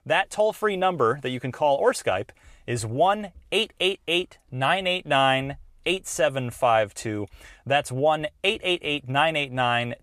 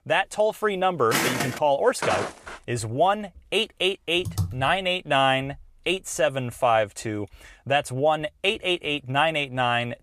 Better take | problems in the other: first | footsteps; loud; at 1 s; peak 1 dB above the speech // footsteps; noticeable; at 2 s; peak 4 dB below the speech // keyboard typing; noticeable; at 4.5 s; peak 6 dB below the speech

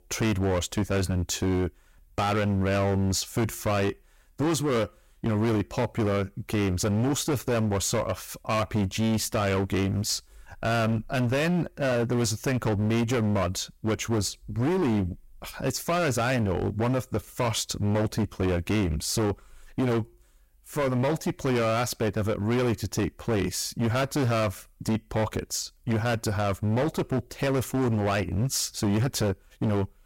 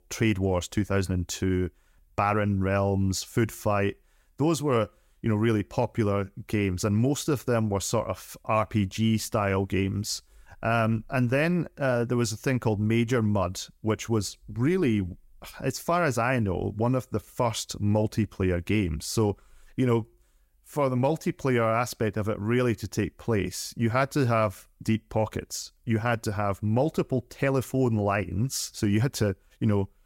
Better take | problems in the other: second | distortion; heavy; 21% of the sound clipped

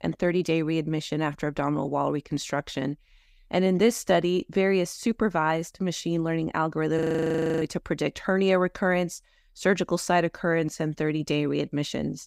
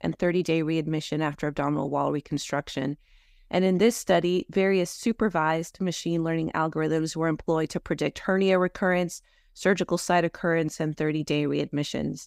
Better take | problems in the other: second | audio freezing; at 7 s for 0.5 s

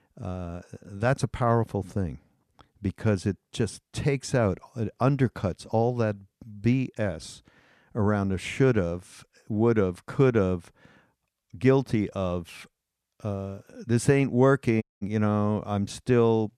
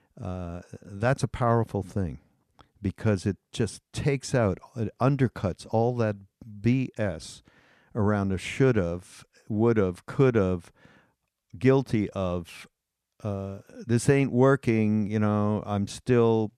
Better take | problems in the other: second | audio cutting out; at 15 s

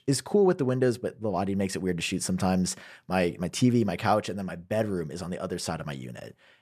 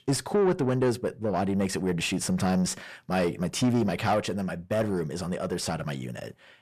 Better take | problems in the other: first | distortion; slight; 10 dB below the speech

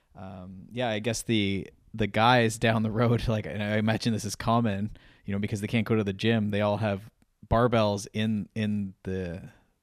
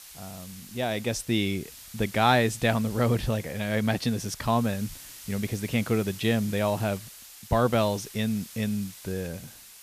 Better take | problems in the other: first | hiss; noticeable; throughout; 15 dB below the speech

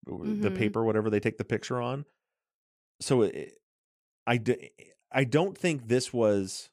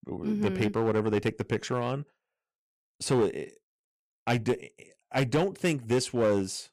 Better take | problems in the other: first | distortion; slight; 5% of the sound clipped

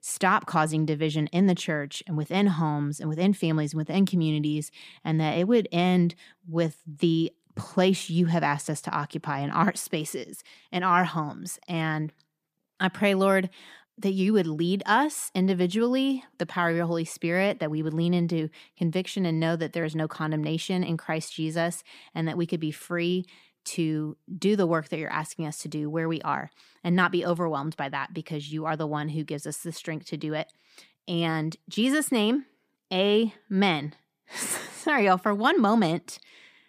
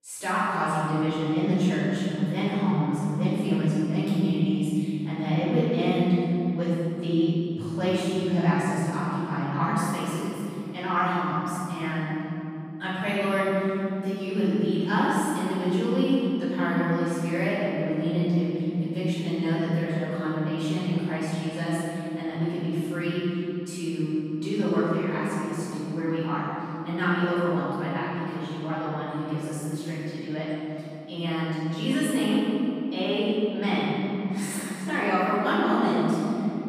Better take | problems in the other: first | room echo; strong; dies away in 3 s // off-mic speech; far

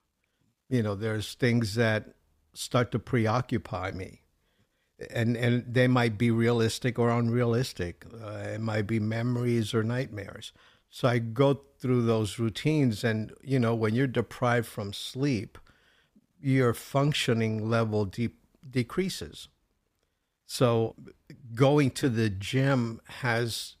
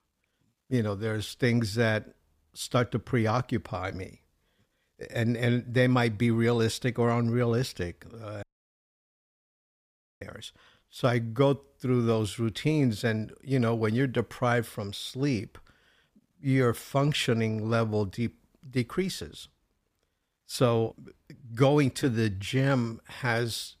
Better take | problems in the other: first | audio cutting out; at 8.5 s for 2 s

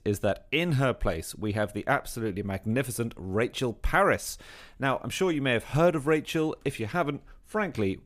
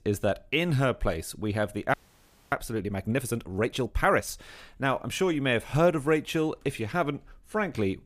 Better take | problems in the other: first | audio freezing; at 2 s for 0.5 s

